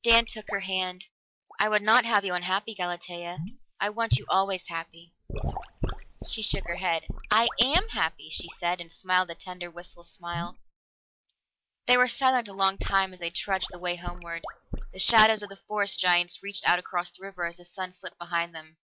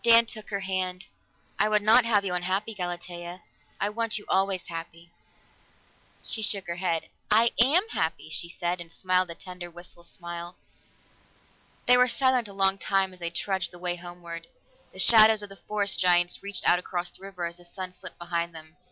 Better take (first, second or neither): second